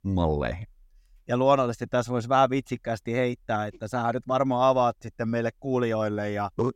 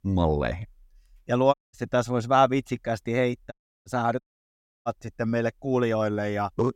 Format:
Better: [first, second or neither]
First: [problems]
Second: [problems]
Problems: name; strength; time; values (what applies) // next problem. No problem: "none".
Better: first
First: none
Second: audio cutting out; at 1.5 s, at 3.5 s and at 4 s for 0.5 s